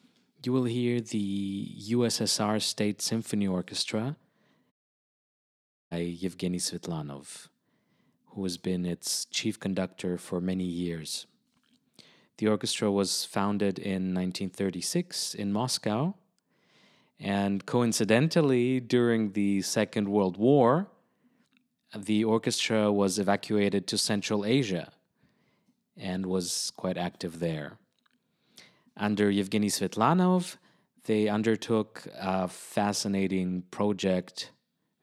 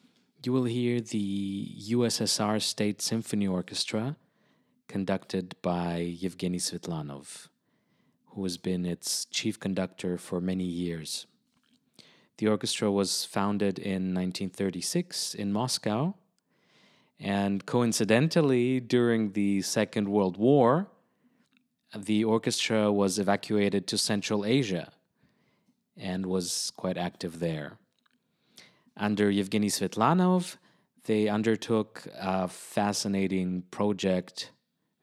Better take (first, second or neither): second